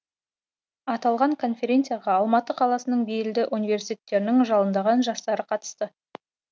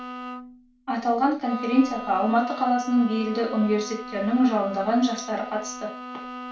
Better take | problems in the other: first | background sound (Bowed string instrument); 12 dB below the speech // room echo; dies away in 0.3 s

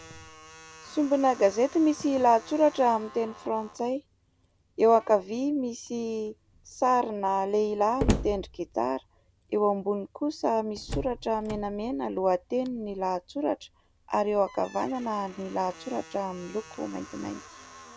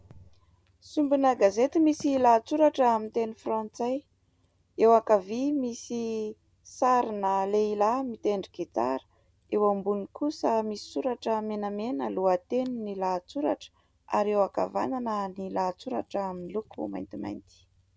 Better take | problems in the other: second | background sound (Slam); 13 dB below the speech

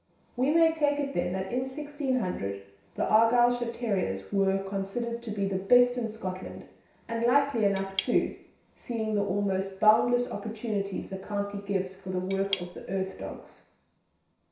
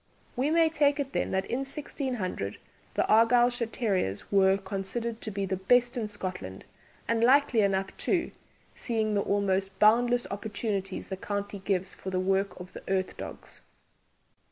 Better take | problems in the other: second | background sound (Cutlery, silverware / Tap); 12 dB below the speech // room echo; dies away in 0.6 s

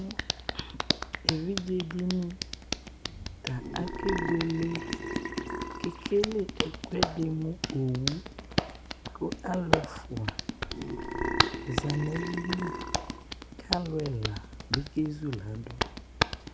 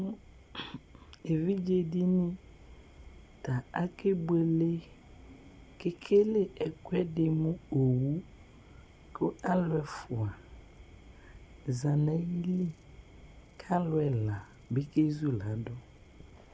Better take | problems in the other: second | background sound (Burping, eructation + Hands); as loud as the speech

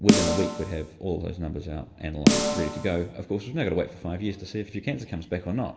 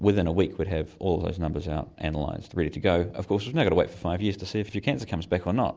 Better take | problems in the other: second | background sound (Snare drum); 2 dB above the speech // room echo; dies away in 2 s

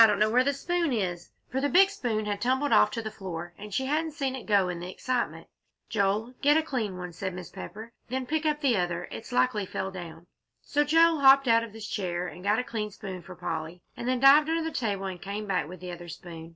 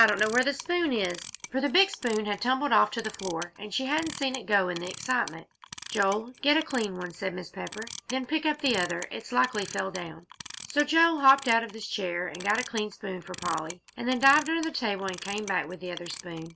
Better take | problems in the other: first | background sound (Clock); 16 dB below the speech

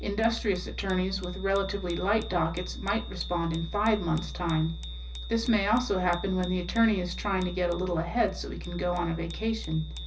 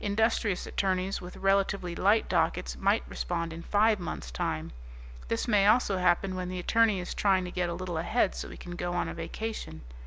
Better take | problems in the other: second | background sound (Bicycle bell); 18 dB below the speech // room echo; dies away in 0.4 s

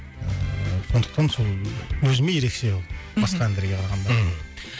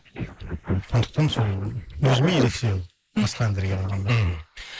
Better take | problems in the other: first | noise reduction (neural mask model Resemble Enhance denoiser)

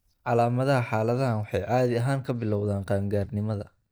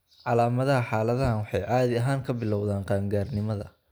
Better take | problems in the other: second | noise reduction (neural mask model DeepFilterNet 3)

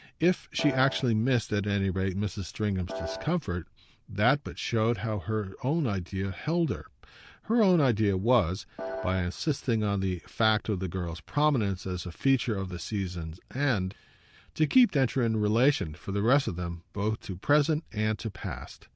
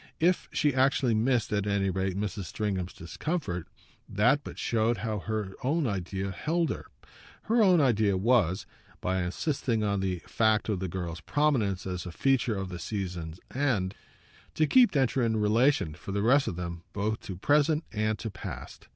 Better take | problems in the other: second | background sound (Piano); 7 dB below the speech

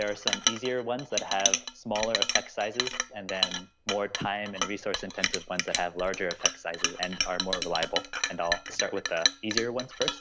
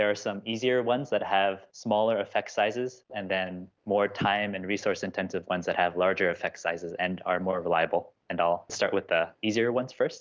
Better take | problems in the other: second | background sound (Chink, clink); 1 dB above the speech

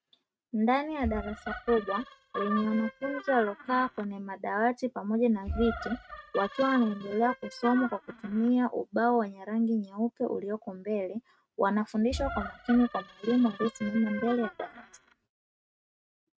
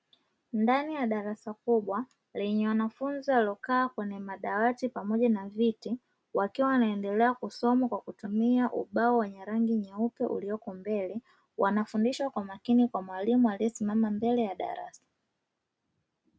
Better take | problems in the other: second | noise reduction (neural mask model RNNoise)

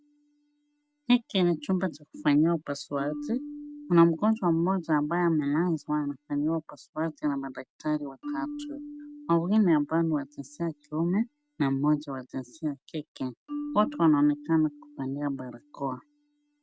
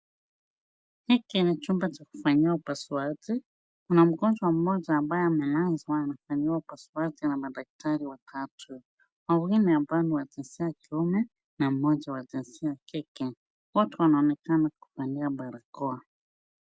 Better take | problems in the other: second | background sound (Marimba, xylophone); 15 dB below the speech

